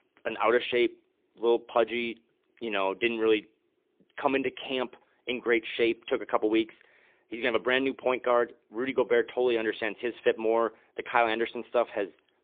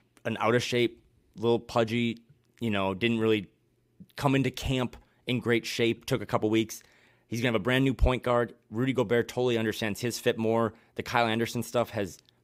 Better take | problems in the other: second | phone-call audio; poor line

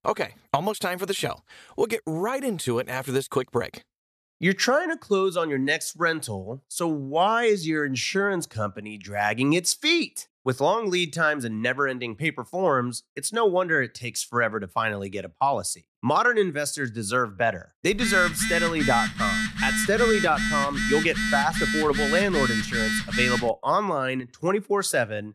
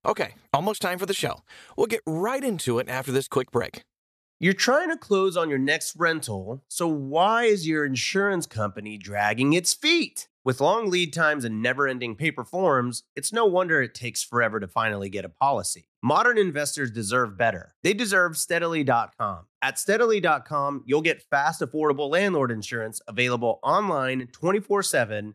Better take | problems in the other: second | phone ringing; loud; from 18 to 24 s; peak level with the speech

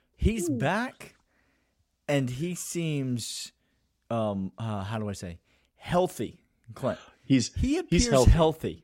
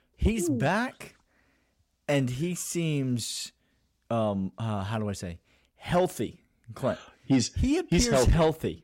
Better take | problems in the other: first | distortion; slight; 10 dB below the speech

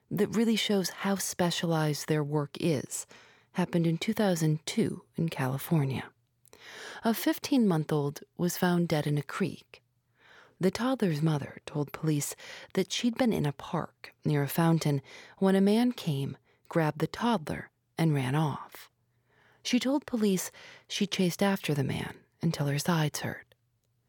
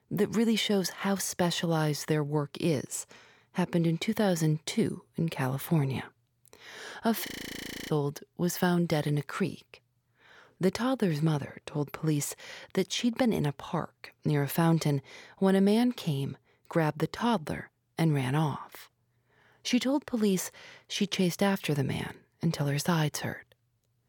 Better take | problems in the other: first | audio freezing; at 7.5 s for 0.5 s

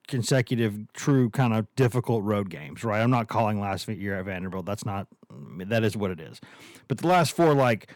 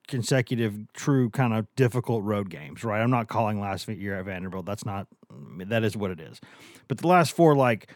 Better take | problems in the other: second | distortion; slight; 1.6% of the sound clipped

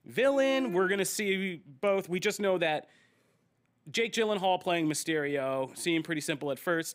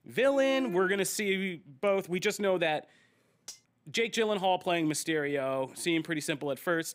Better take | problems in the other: first | clattering dishes; faint; at 3.5 s; peak 20 dB below the speech

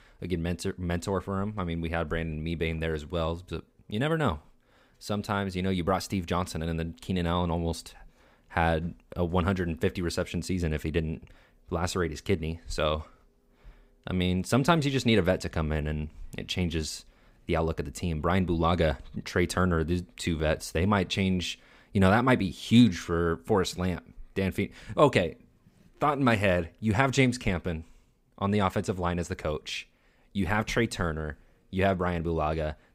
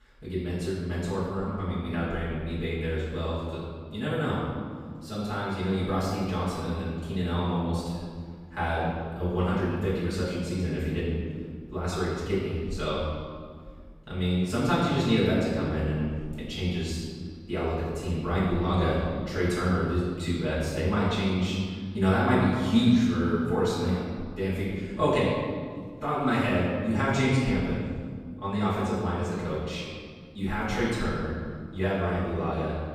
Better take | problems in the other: first | off-mic speech; far // room echo; strong; dies away in 1.9 s

